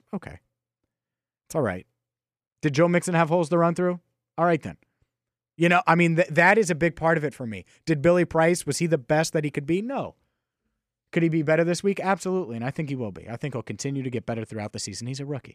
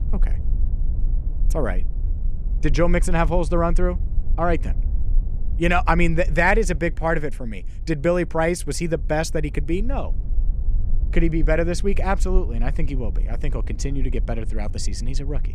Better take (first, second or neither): first